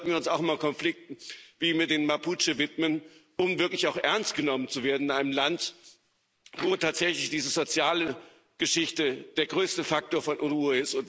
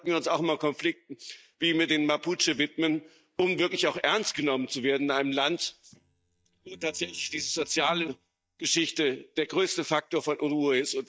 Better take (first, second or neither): first